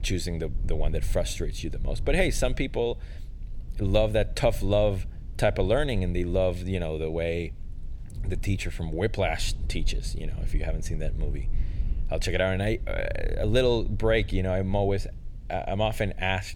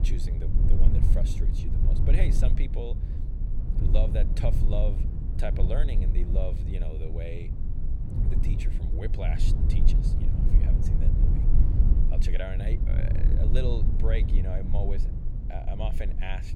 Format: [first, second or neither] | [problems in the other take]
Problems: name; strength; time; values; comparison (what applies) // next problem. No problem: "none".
first | low rumble; loud; throughout; 4 dB below the speech; faint in the first